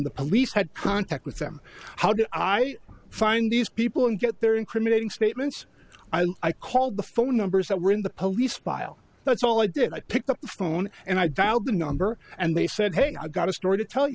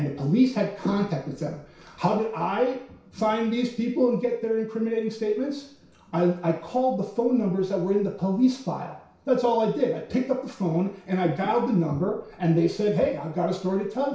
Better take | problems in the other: first | room echo; dies away in 0.6 s

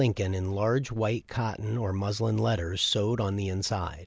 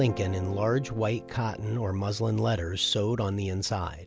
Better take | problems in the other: first | background sound (Guitar); 16 dB below the speech

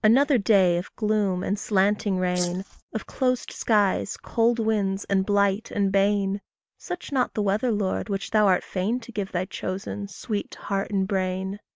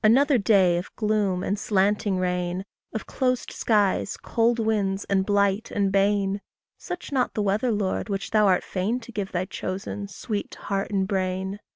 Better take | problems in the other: second | noise reduction (neural mask model Resemble Enhance denoiser)

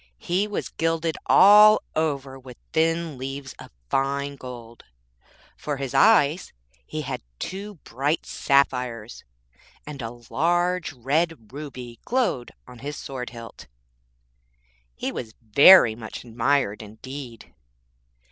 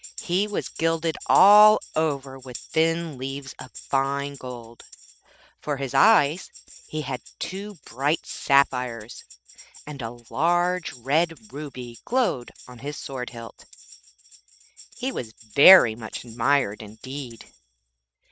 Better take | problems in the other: first | noise reduction (neural mask model RNNoise)

